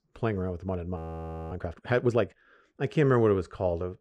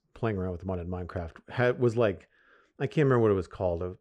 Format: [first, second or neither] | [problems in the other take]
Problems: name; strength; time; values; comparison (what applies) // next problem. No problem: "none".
second | audio freezing; at 1 s for 0.5 s